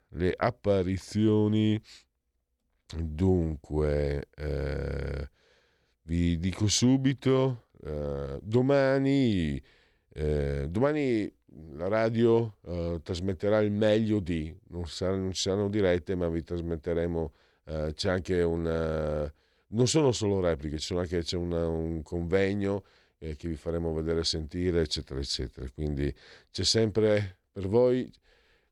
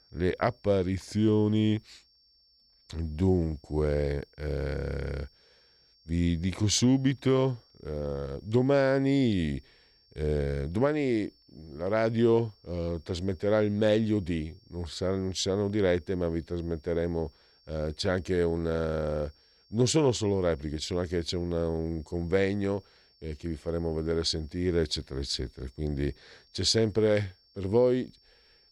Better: first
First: none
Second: high-pitched whine; faint; throughout; 5.5 kHz, 30 dB below the speech

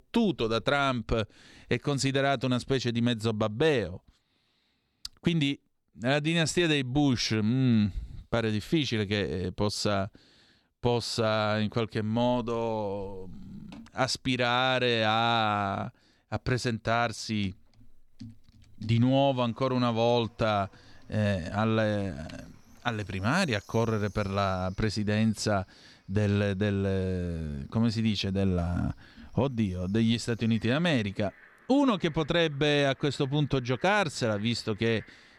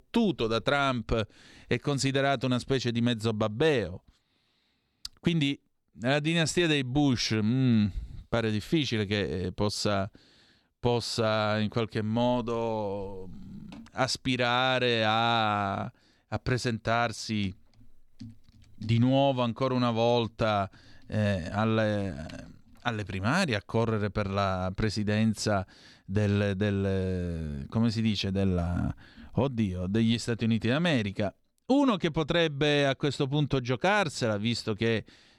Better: second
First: animal sounds; faint; from 19 s on; 30 dB below the speech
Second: none

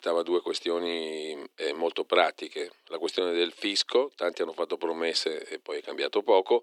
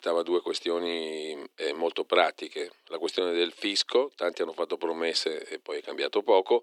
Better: neither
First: thin; very; fading below 350 Hz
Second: thin; very; fading below 350 Hz

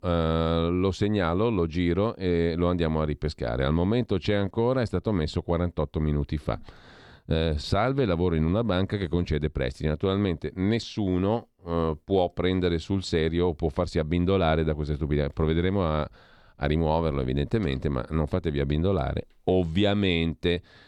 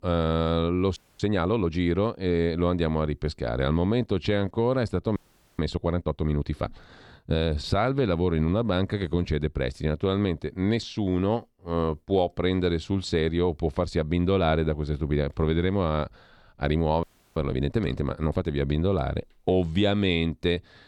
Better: first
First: none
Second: audio freezing; at 1 s, at 5 s and at 17 s

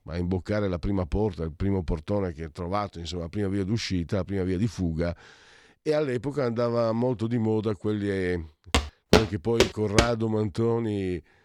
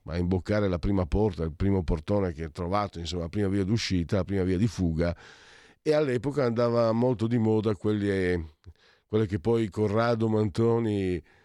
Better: second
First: footsteps; loud; from 8.5 to 10 s; peak 5 dB above the speech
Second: none

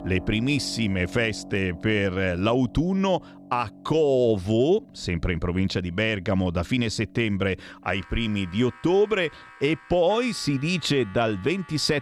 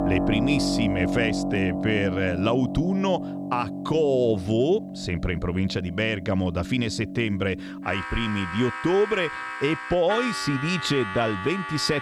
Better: first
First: background music; faint; throughout; 20 dB below the speech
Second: background music; loud; throughout; 5 dB below the speech

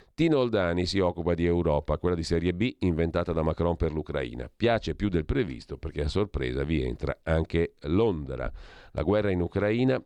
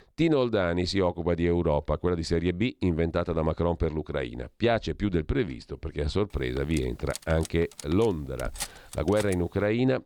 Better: first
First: none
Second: clattering dishes; noticeable; from 6.5 to 9.5 s; peak 8 dB below the speech

